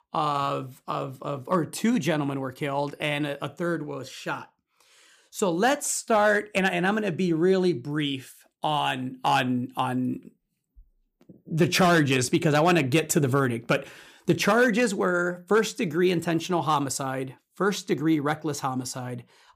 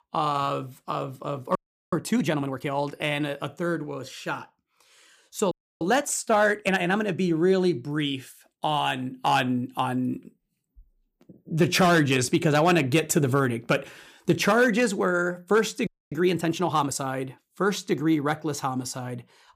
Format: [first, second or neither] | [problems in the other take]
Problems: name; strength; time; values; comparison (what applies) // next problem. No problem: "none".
first | audio freezing; at 1.5 s, at 5.5 s and at 16 s